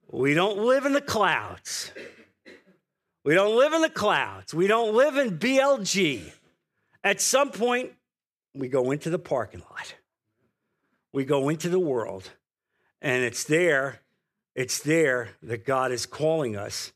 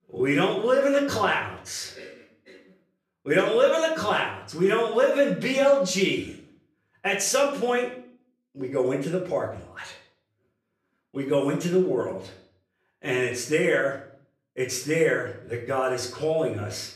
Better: first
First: none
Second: room echo; slight; dies away in 0.5 s // off-mic speech; far

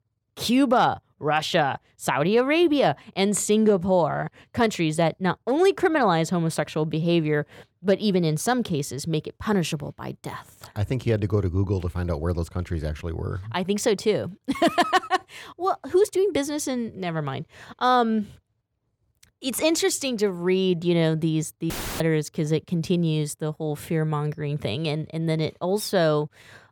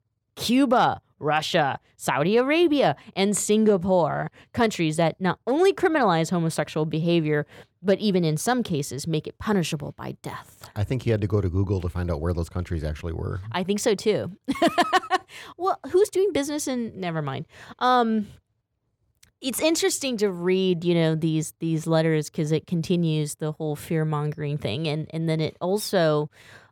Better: second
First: audio cutting out; filled with static; at 22 s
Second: none

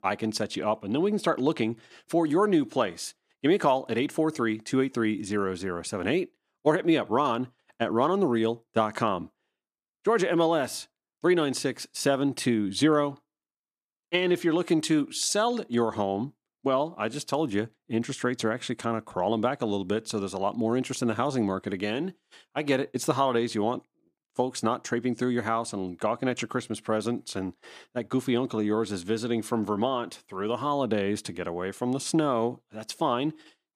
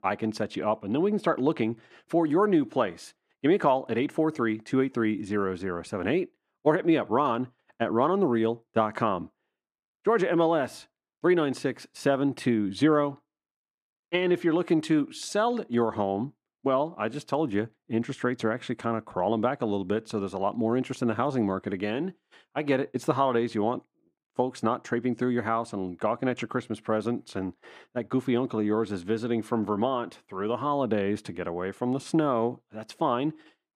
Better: first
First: none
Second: muffled; slightly; fading above 3.5 kHz

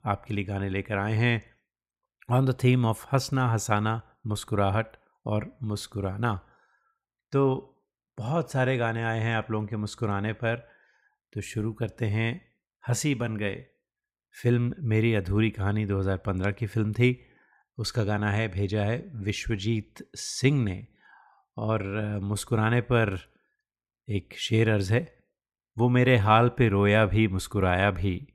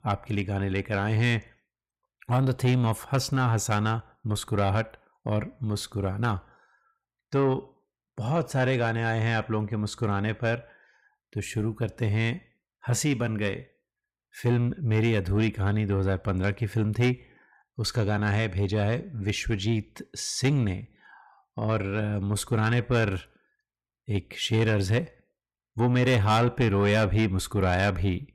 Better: first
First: none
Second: distortion; slight; 10 dB below the speech

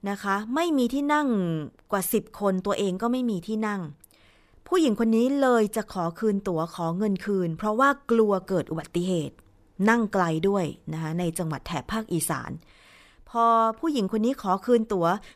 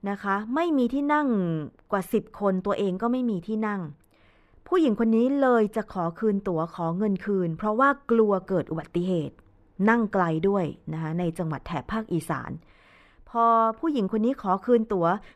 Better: first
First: none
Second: muffled; slightly; fading above 3.5 kHz

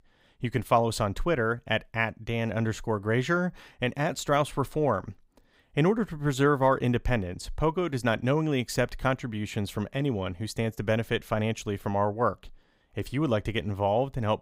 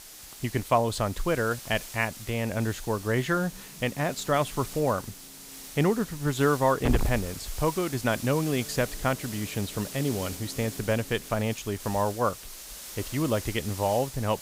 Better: first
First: none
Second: hiss; noticeable; throughout; 10 dB below the speech

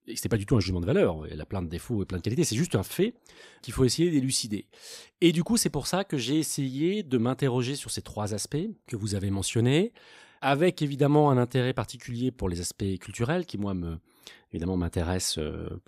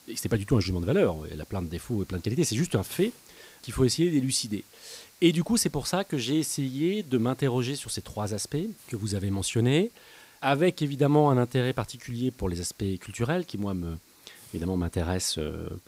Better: first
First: none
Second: hiss; faint; throughout; 25 dB below the speech

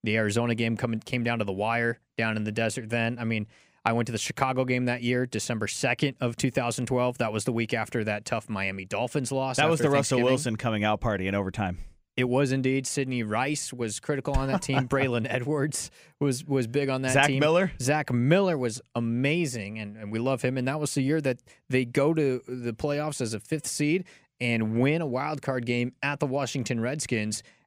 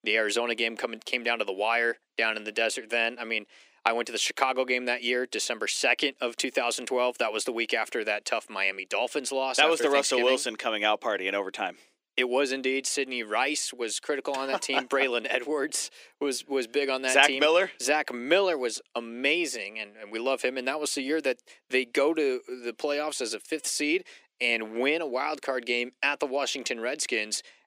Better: first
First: none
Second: thin; somewhat; fading below 300 Hz

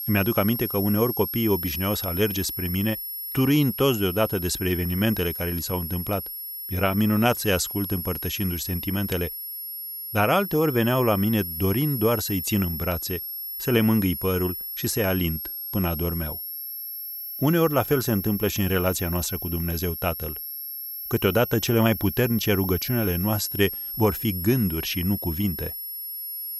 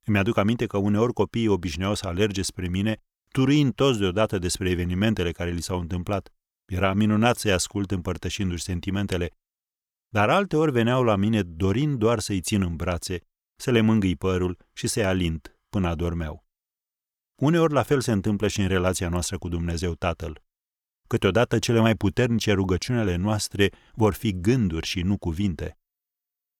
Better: second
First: high-pitched whine; loud; throughout; 11.5 kHz, 6 dB below the speech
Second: none

